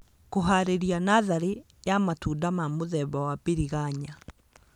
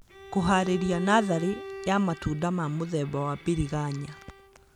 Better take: first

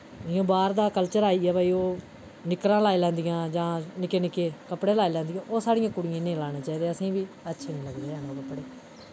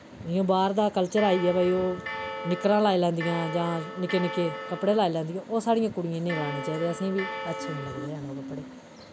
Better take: first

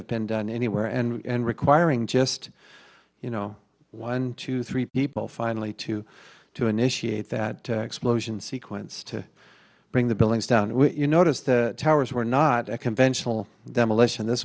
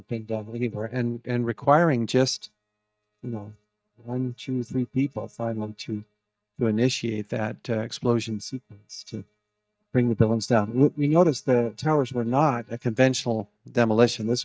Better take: first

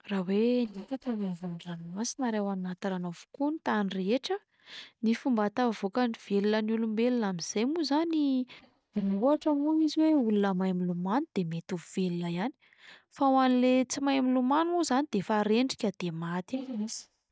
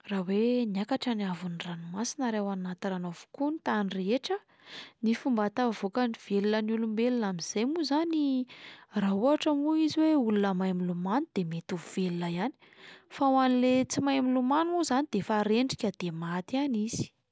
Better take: second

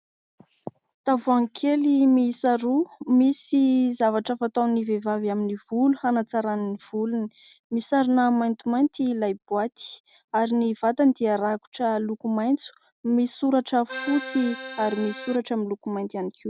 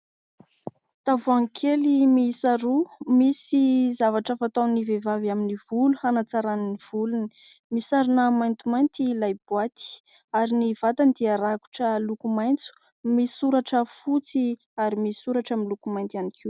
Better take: second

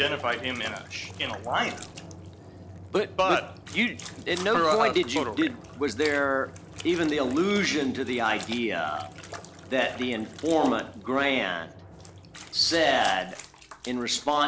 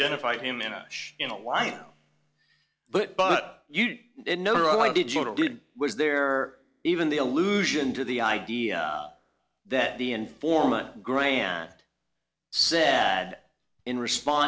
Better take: second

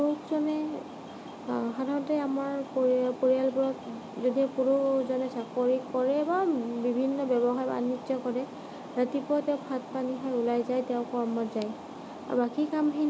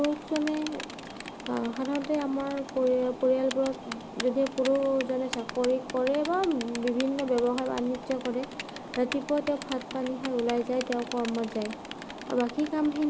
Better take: first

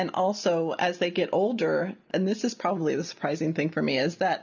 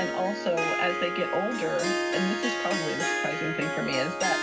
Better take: first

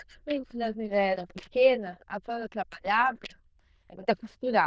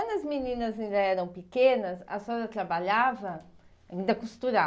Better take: second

